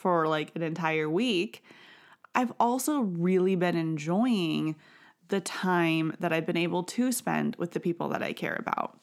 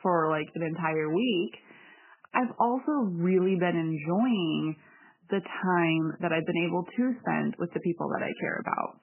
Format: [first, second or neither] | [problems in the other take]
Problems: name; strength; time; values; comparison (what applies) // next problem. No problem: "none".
first | garbled, watery; badly; nothing above 3 kHz